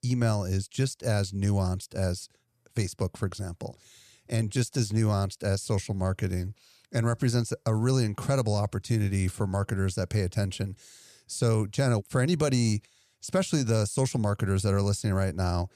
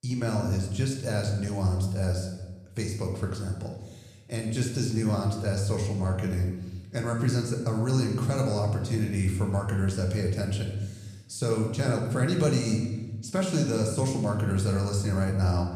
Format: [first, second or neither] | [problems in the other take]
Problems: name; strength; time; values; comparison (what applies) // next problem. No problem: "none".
first | room echo; noticeable; dies away in 1 s // off-mic speech; somewhat distant